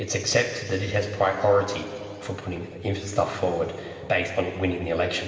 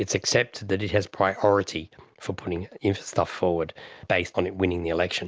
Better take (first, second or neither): second